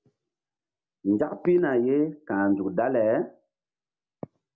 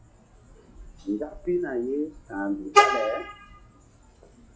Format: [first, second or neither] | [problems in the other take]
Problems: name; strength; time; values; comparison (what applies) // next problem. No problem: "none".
first | noise reduction (classical method log-MMSE)